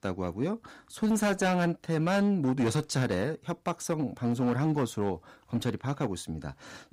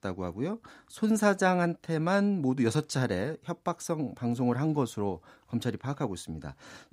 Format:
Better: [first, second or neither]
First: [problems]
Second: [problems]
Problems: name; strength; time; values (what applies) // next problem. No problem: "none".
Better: second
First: distortion; slight; 10% of the sound clipped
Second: none